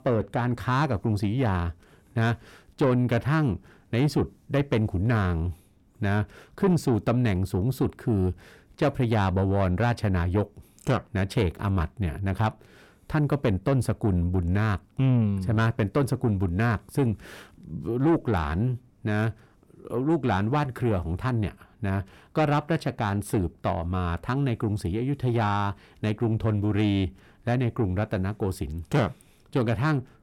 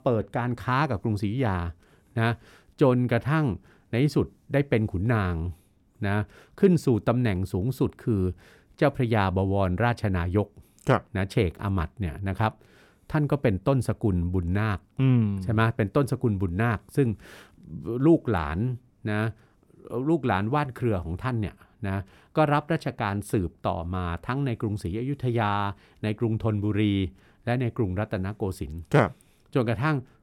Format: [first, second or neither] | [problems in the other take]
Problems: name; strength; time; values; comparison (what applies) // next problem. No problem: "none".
second | distortion; slight; 10 dB below the speech